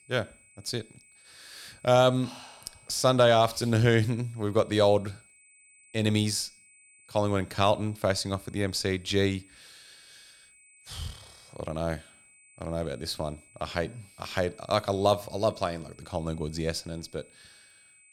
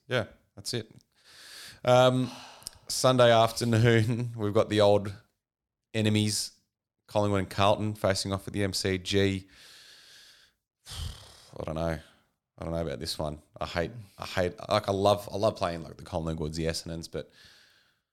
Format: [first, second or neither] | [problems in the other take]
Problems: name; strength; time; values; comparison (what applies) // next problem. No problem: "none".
second | high-pitched whine; faint; throughout; 8 kHz, 30 dB below the speech